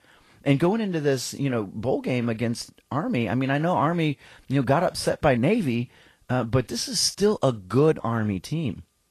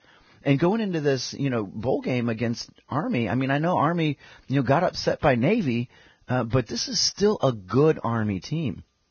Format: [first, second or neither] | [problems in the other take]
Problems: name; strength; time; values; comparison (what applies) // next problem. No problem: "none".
first | garbled, watery; badly; nothing above 6.5 kHz; slightly in the first